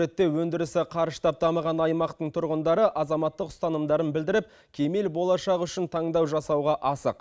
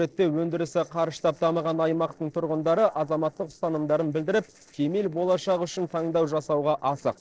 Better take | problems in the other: first | noise reduction (neural separator model SepFormer DNS4)

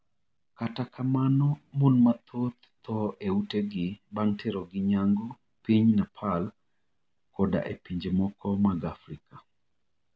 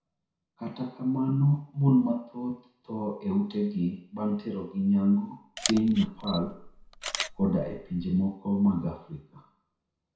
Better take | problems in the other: first | background sound (Camera); 9 dB below the speech // room echo; dies away in 0.6 s

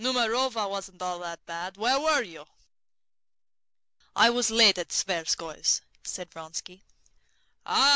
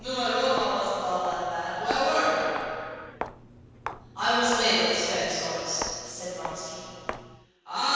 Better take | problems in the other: first | background sound (Walk, footsteps); 13 dB below the speech // room echo; dies away in 2.2 s

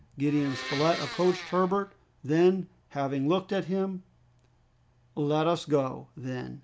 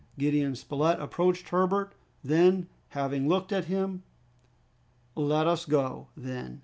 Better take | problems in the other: second | background sound (Domestic sounds, home sounds); 10 dB below the speech

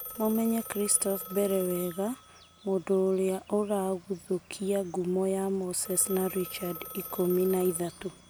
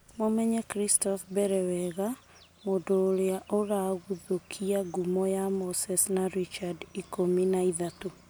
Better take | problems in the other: second | background sound (Telephone); 15 dB below the speech

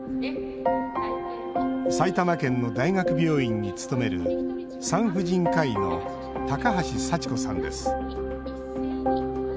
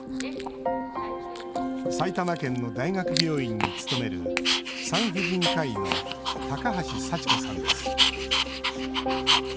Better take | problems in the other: first | background sound (Dog); 1 dB below the speech

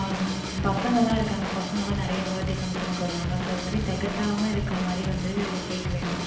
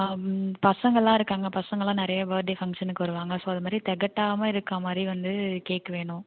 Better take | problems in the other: second | background sound (Drum / Drum kit); 1 dB below the speech // room echo; dies away in 0.8 s

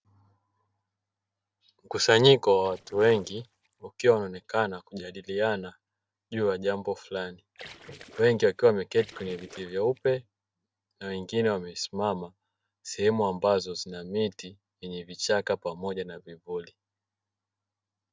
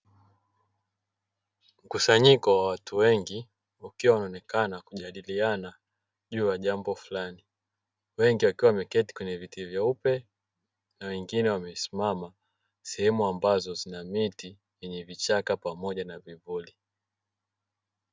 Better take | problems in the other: second | noise reduction (neural separator model SepFormer DNS4)

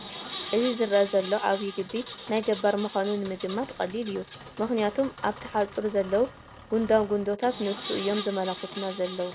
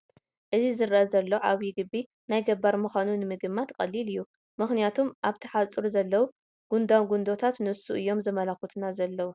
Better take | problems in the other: second | background sound (Engine); 13 dB below the speech

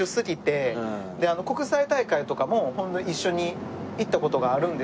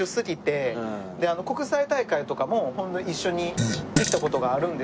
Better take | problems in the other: first | background sound (Fart); 2 dB below the speech

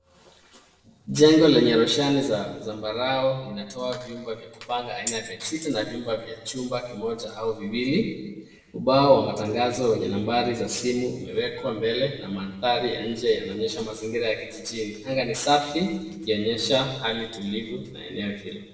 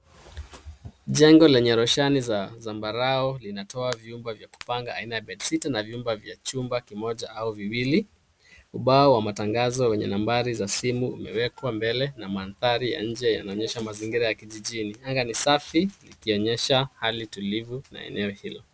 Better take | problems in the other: second | noise reduction (neural separator model SepFormer DNS4)

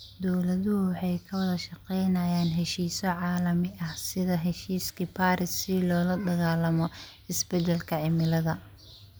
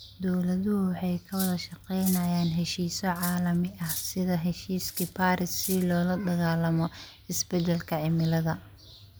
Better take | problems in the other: first | background sound (Cutlery, silverware); 12 dB below the speech

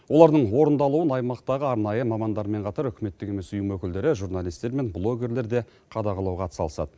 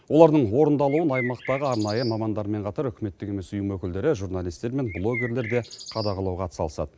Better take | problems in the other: first | background sound (Bird); 13 dB below the speech

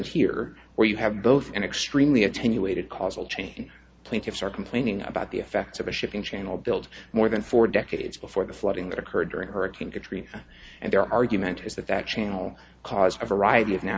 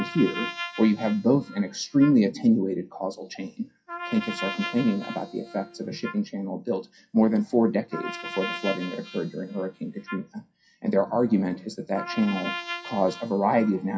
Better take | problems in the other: first | noise reduction (classical method WPE with log-MMSE)

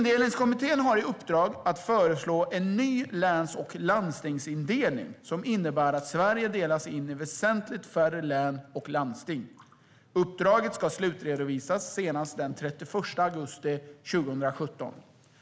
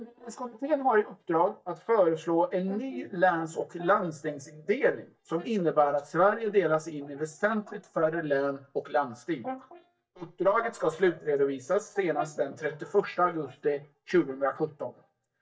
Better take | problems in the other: first | noise reduction (neural mask model DeepFilterNet 3)

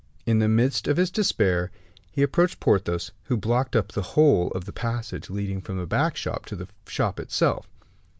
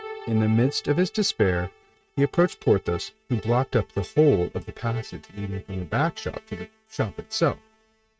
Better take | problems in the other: first | noise reduction (neural mask model RNNoise)

